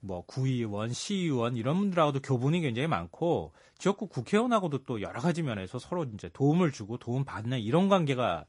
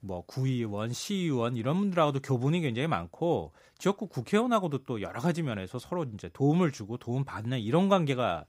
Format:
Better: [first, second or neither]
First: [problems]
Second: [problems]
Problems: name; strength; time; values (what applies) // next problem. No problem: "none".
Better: second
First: garbled, watery; slightly; nothing above 10.5 kHz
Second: none